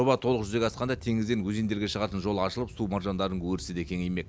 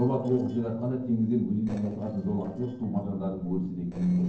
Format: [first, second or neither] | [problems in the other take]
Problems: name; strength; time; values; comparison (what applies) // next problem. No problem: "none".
first | noise reduction (neural separator model SepFormer DNS4)